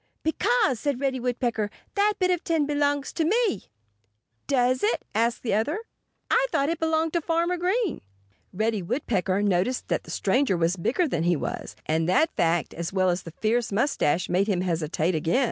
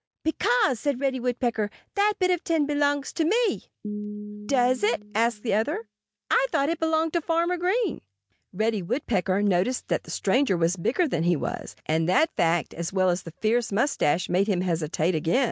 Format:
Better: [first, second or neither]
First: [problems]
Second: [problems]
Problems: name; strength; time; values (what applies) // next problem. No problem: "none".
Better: first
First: none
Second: noise reduction (neural mask model DeepFilterNet 3)